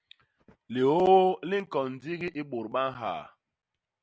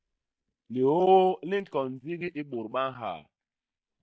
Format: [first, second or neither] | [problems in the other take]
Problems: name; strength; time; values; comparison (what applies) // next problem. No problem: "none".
first | noise reduction (neural mask model DeepFilterNet 3)